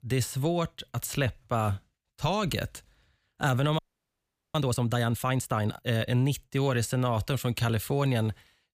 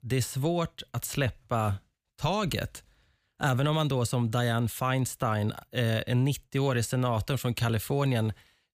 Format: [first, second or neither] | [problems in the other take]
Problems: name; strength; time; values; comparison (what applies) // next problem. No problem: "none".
second | audio freezing; at 4 s for 1 s